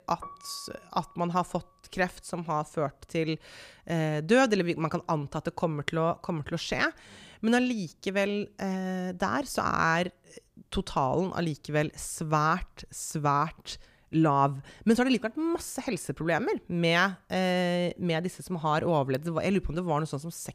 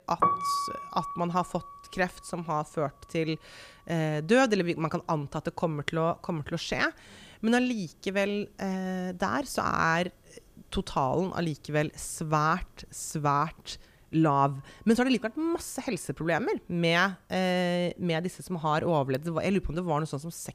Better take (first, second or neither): first